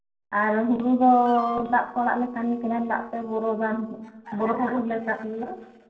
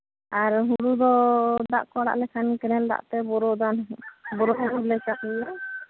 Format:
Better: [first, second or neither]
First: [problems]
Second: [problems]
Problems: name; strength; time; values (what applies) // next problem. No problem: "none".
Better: second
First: noise reduction (neural separator model SepFormer DNS4)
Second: none